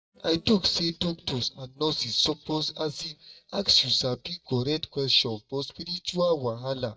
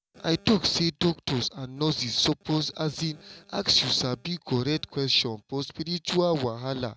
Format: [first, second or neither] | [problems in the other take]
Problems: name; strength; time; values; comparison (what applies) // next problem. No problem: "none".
second | noise reduction (neural mask model DeepFilterNet 3)